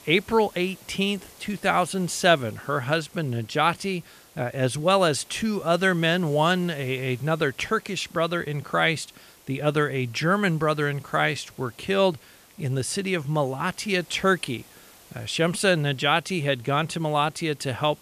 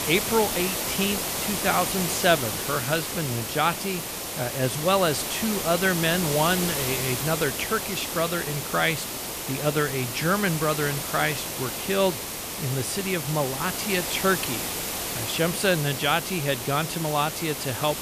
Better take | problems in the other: first | hiss; loud; throughout; 3 dB below the speech; faint in the first

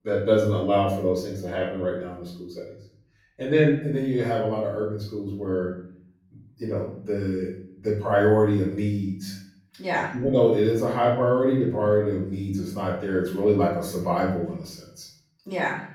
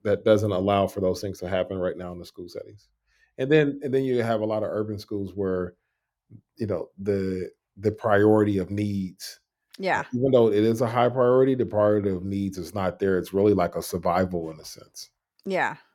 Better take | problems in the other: second | off-mic speech; far // room echo; noticeable; dies away in 0.6 s

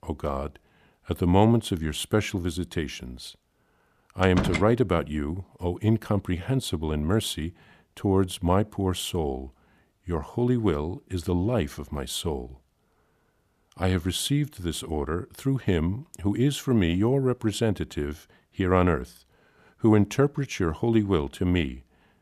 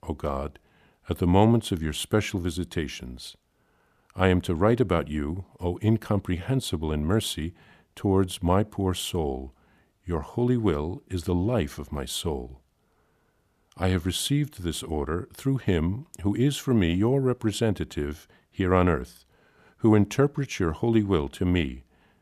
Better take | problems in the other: second | door banging; noticeable; at 4 s; peak 2 dB below the speech

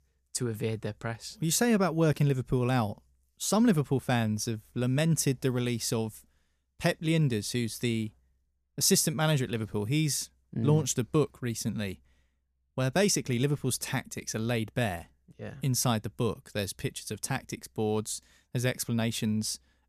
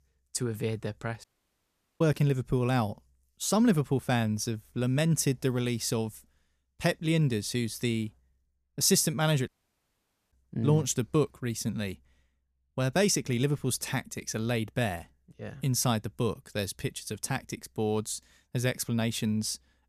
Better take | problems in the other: first | audio cutting out; at 1 s for 1 s and at 9.5 s for 1 s

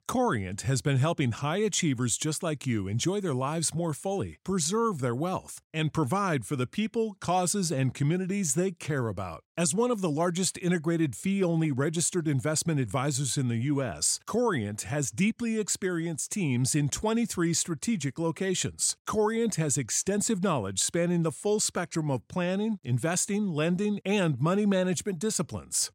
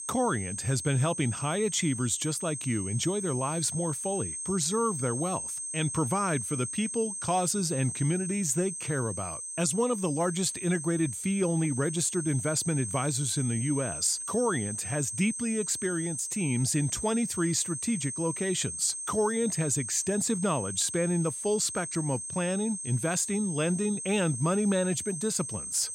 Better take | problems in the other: first | high-pitched whine; loud; throughout; 8.5 kHz, 5 dB below the speech

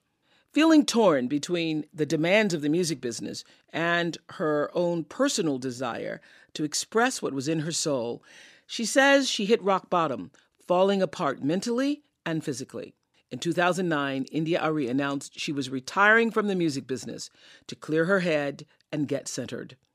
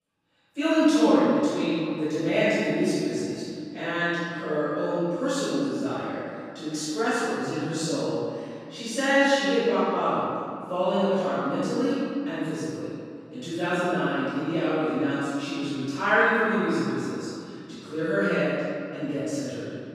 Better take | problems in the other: first | off-mic speech; far // room echo; strong; dies away in 2.3 s

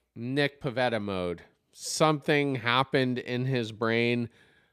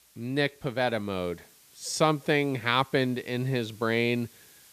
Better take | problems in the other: first | hiss; faint; throughout; 25 dB below the speech

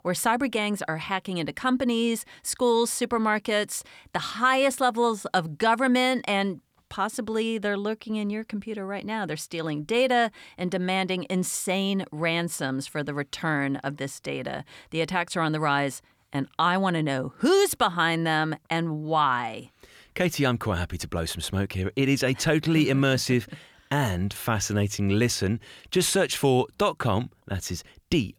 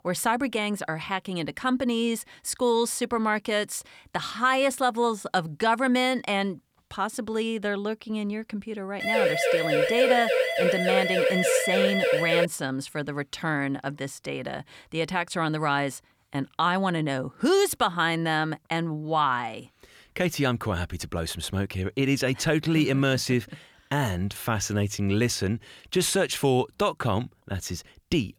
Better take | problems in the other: first | siren; loud; from 9 to 12 s; peak 4 dB above the speech

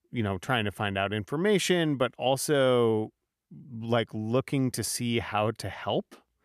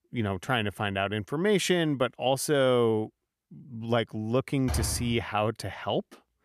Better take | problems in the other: first | door banging; noticeable; at 4.5 s; peak 5 dB below the speech

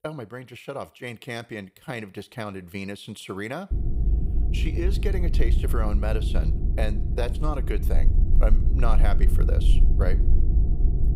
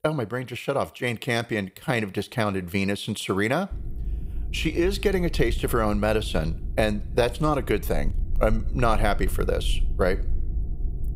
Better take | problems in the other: second | low rumble; loud; from 3.5 s on; 7 dB below the speech; faint in the second

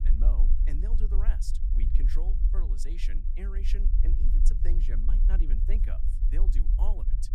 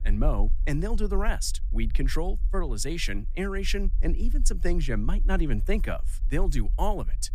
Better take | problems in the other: second | low rumble; loud; throughout; 4 dB below the speech; faint in the second

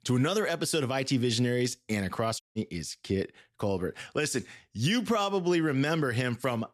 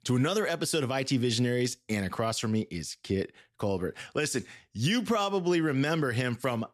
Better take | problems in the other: second | audio cutting out; at 2.5 s

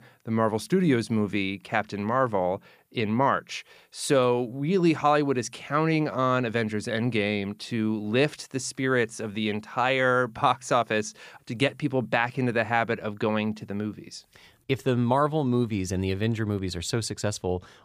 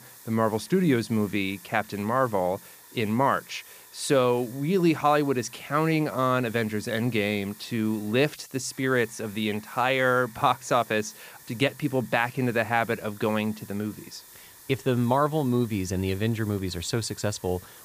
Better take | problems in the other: first | hiss; faint; throughout; 20 dB below the speech

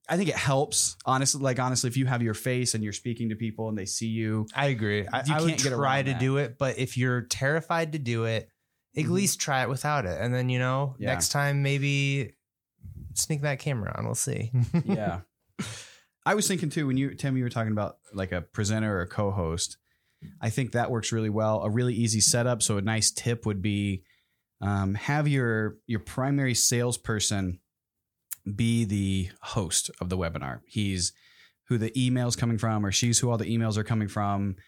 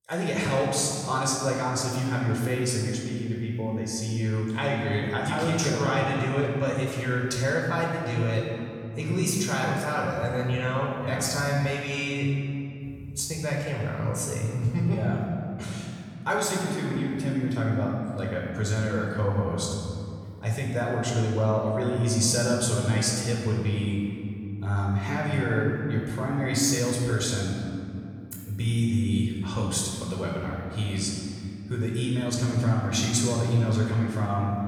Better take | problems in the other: first | room echo; noticeable; dies away in 2.3 s // off-mic speech; far

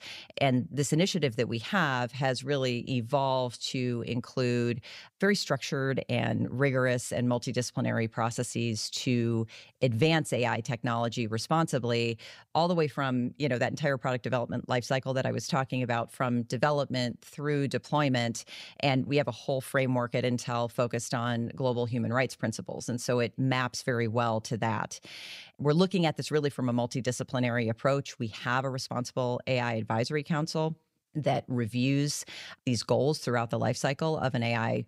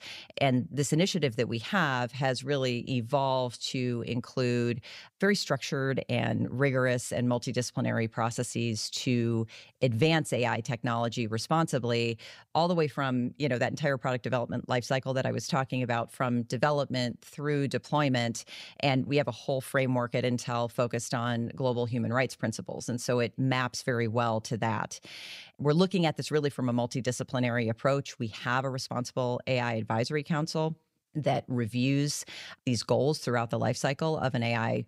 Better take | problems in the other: neither | none

